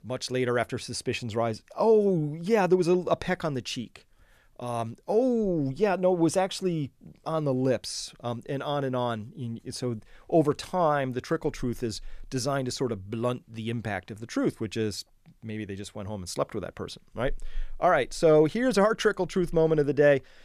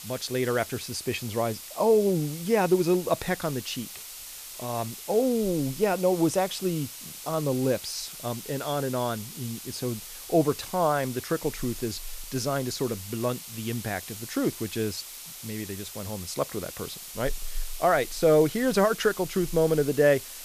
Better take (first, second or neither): first